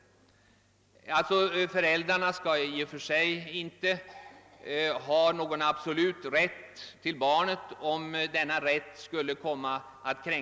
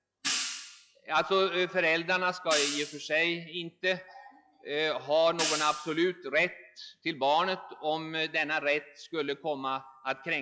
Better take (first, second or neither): first